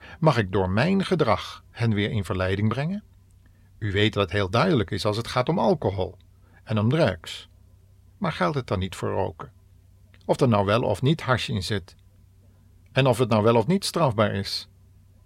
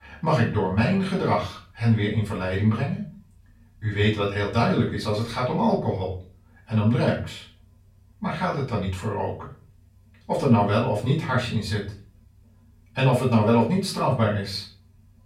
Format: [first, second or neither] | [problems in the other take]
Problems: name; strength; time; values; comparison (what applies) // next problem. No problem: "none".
first | room echo; slight; dies away in 0.3 s // off-mic speech; far